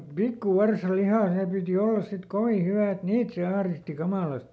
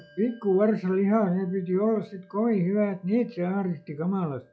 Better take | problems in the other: first | noise reduction (classical method log-MMSE)

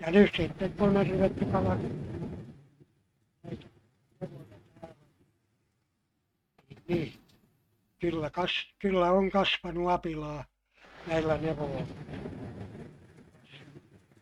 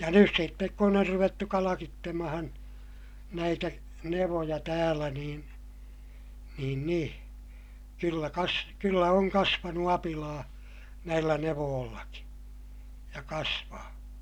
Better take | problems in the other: second | noise reduction (neural mask model RNNoise)

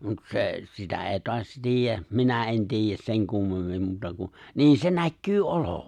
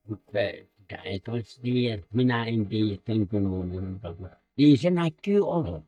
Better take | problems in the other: first | noise reduction (neural mask model DeepFilterNet 3)

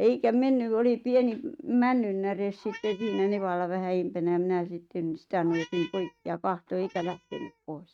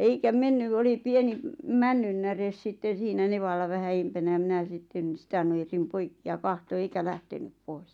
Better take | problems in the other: second | noise reduction (neural mask model RNNoise)

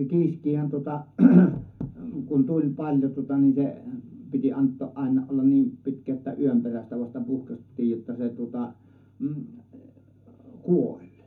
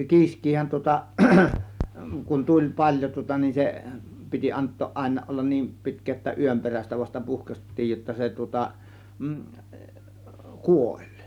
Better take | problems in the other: second | room echo; dies away in 0.3 s

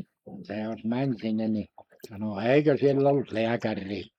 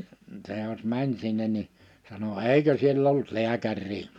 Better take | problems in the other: second | noise reduction (neural mask model Resemble Enhance denoiser)

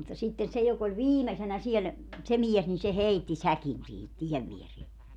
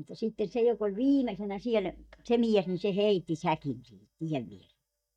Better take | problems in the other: first | noise reduction (neural mask model DeepFilterNet 3)

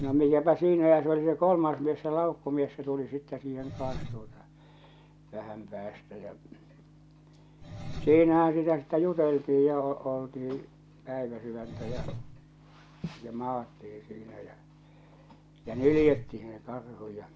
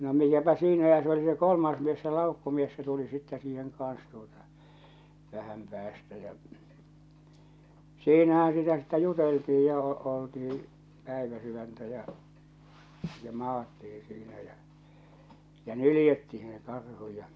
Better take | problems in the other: second | background sound (Engine); 16 dB below the speech

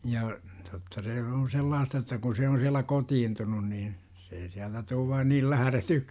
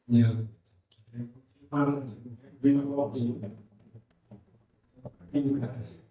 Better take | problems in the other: first | noise reduction (neural mask model DeepFilterNet 3)

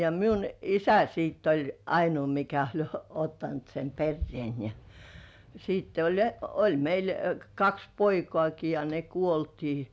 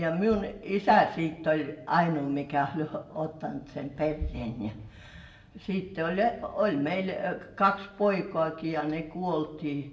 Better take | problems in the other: first | room echo; dies away in 0.5 s

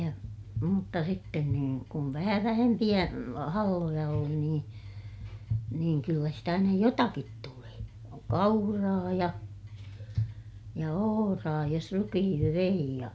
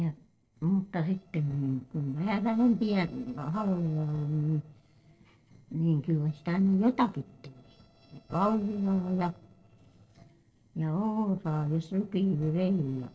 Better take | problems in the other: first | noise reduction (neural separator model SepFormer DNS4)

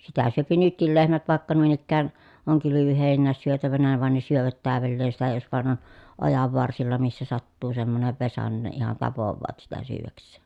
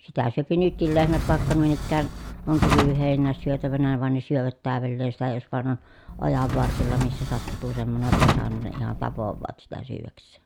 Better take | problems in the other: first | background sound (Drawer open or close); 2 dB below the speech

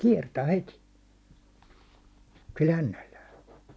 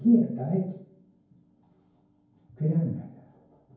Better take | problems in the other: first | room echo; dies away in 0.9 s

